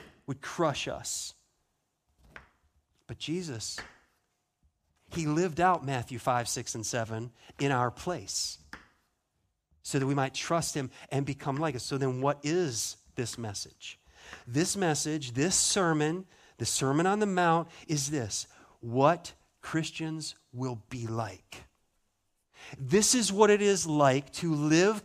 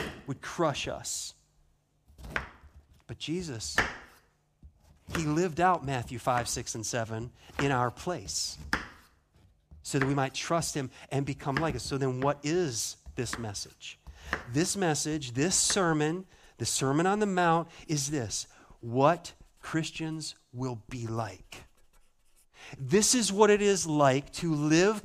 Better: first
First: household noises; faint; throughout; 25 dB below the speech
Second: household noises; loud; throughout; 9 dB below the speech

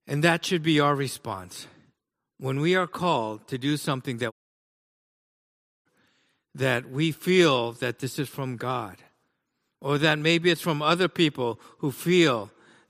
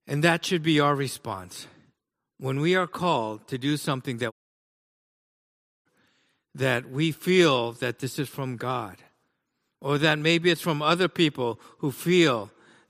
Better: neither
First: audio cutting out; at 4.5 s for 1.5 s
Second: audio cutting out; at 4.5 s for 1.5 s

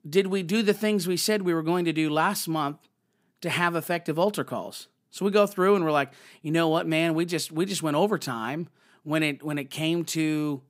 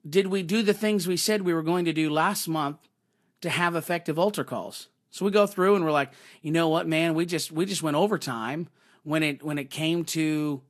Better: first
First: none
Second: garbled, watery; slightly; nothing above 12.5 kHz

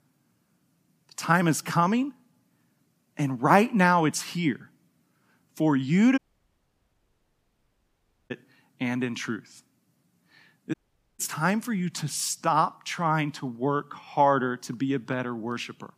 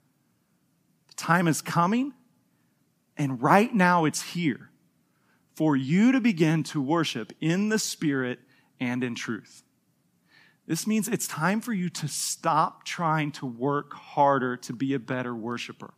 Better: second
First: audio cutting out; at 6 s for 2 s and at 11 s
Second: none

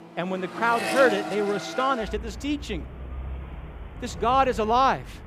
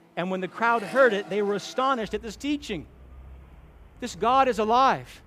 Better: second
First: traffic noise; loud; throughout; 10 dB below the speech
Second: traffic noise; faint; throughout; 20 dB below the speech

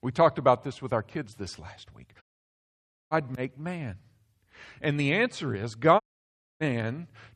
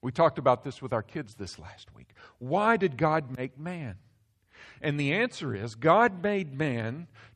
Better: second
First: audio cutting out; at 2 s for 1 s and at 6 s for 0.5 s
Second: none

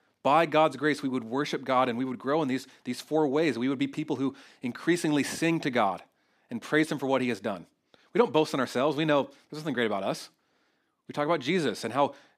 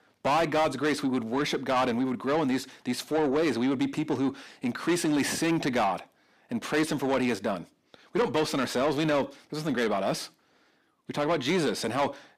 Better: first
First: none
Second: distortion; heavy; 8 dB below the speech

